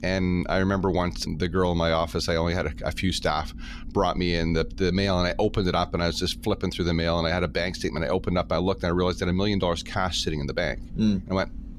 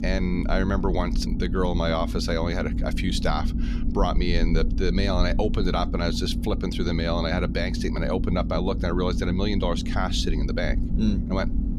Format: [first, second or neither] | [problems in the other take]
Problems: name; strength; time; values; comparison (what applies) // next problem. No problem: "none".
first | low rumble; loud; throughout; 9 dB below the speech; faint in the first